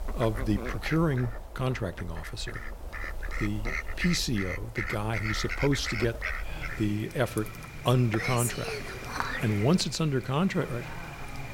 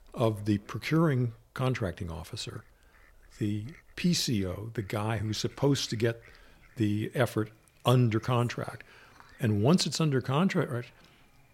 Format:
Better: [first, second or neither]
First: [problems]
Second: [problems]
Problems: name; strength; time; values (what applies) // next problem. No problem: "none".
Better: second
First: animal sounds; loud; throughout; 6 dB below the speech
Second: animal sounds; faint; throughout; 30 dB below the speech